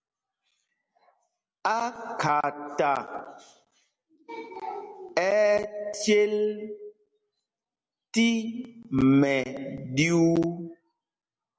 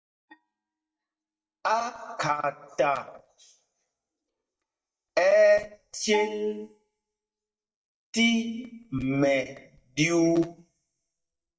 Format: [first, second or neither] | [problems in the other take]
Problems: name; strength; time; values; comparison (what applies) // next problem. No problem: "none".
first | noise reduction (neural mask model DeepFilterNet 3)